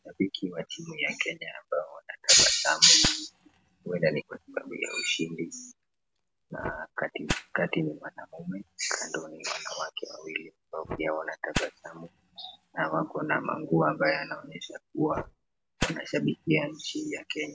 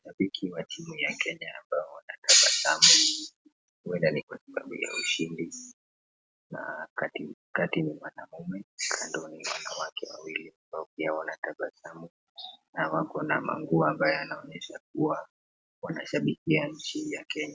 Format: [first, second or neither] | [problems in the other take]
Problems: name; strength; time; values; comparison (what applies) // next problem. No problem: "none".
second | background sound (Fire); 13 dB below the speech